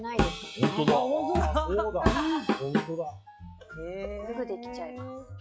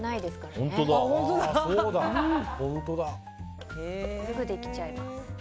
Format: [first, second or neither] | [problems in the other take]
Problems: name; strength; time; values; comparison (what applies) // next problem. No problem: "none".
second | noise reduction (classical method log-MMSE)